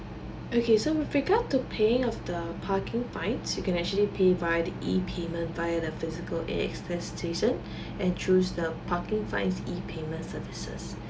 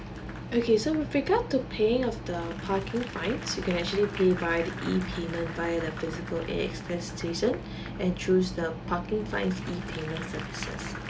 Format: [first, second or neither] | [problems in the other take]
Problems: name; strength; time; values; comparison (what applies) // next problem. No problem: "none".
first | background sound (Applause / Crowd); 15 dB below the speech